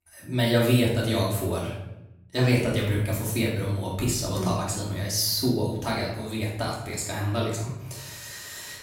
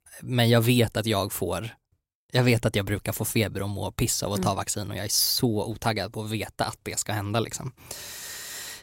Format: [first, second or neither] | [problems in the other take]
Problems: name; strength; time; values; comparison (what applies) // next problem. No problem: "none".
second | off-mic speech; far // room echo; noticeable; dies away in 0.8 s